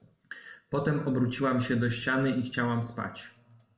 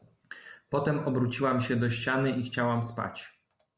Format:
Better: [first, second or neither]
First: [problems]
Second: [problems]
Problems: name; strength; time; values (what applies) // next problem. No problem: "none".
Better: second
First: room echo; dies away in 0.5 s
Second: none